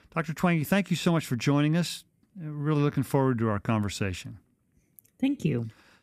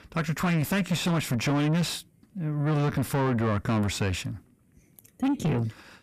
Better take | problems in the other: first | distortion; heavy; 6 dB below the speech

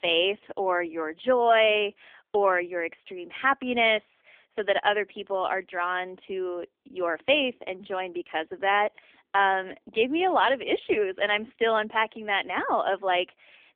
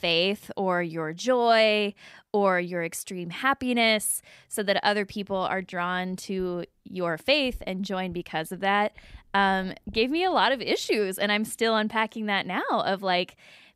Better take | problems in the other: second | phone-call audio; poor line; nothing above 3.5 kHz

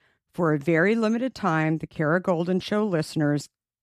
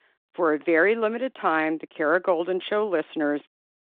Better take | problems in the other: first | phone-call audio

